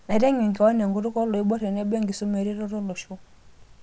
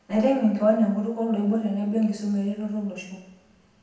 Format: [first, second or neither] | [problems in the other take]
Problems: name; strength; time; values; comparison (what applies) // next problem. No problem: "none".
first | room echo; dies away in 0.9 s